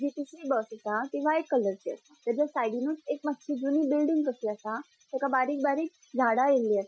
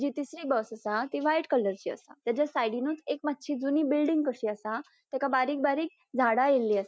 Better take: second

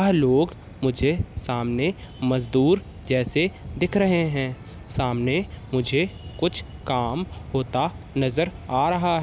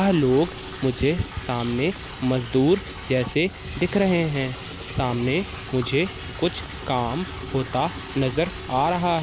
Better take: first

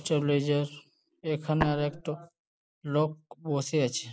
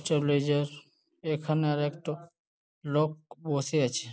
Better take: second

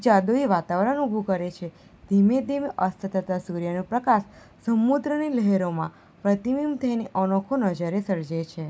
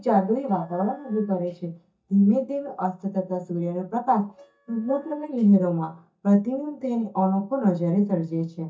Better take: first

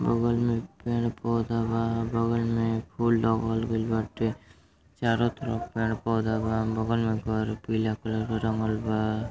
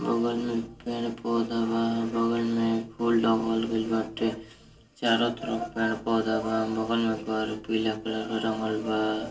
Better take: first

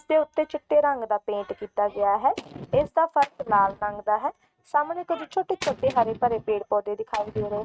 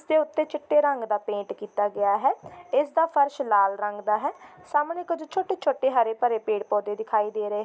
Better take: second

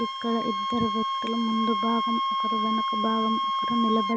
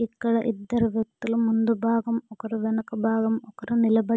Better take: second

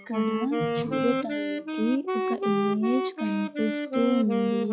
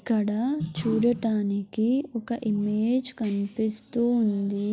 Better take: second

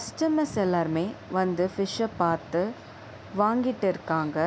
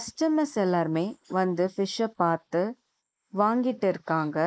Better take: first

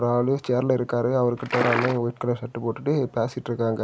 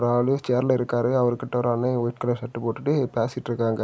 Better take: second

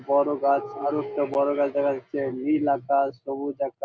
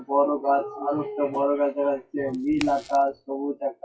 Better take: first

